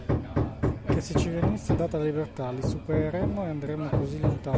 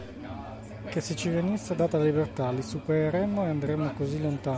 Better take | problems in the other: second | background sound (Hammer); 2 dB above the speech

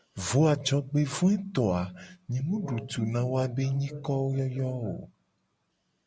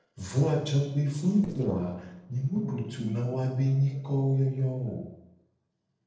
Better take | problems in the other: first | noise reduction (neural separator model SepFormer DNS4)

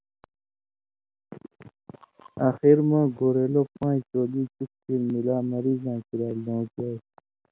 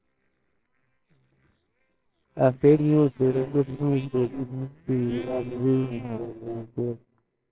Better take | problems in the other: first | noise reduction (neural separator model SepFormer WHAMR!)

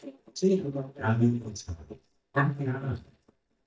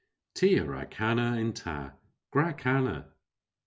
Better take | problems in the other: second | noise reduction (neural mask model DeepFilterNet 3)

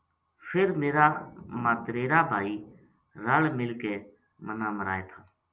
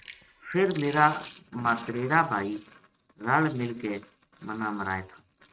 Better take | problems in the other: first | noise reduction (neural mask model RNNoise)

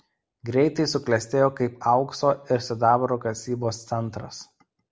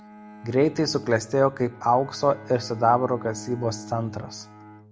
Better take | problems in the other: first | background sound (Bowed string instrument); 17 dB below the speech

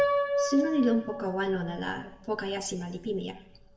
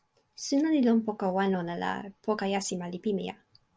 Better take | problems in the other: second | background sound (Piano); 3 dB below the speech // room echo; dies away in 0.7 s

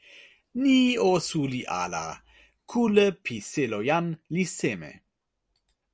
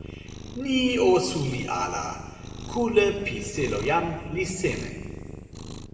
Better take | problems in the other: first | background sound (Cat); 11 dB below the speech // room echo; dies away in 1.7 s

